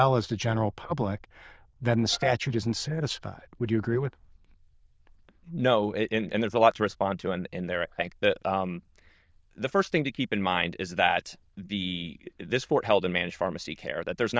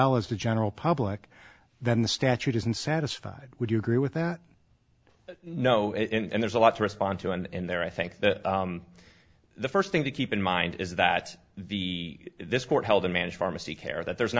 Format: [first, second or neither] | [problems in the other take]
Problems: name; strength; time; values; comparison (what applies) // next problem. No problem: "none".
second | noise reduction (neural diffusion model UNIVERSE++)